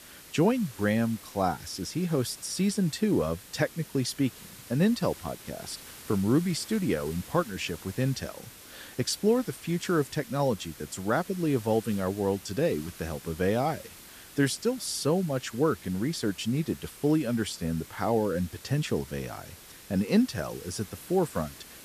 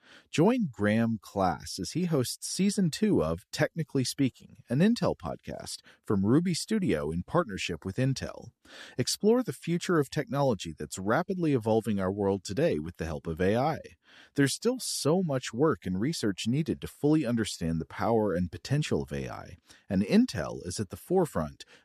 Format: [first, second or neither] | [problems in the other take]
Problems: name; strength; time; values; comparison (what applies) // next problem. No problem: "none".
second | hiss; noticeable; throughout; 15 dB below the speech